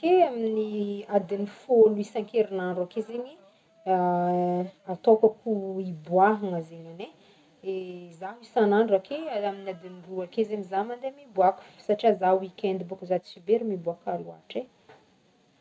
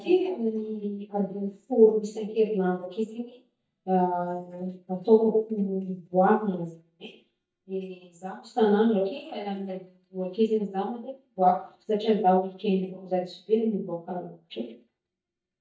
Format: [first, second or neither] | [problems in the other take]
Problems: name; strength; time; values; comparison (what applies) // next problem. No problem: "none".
first | noise reduction (neural mask model DeepFilterNet 3)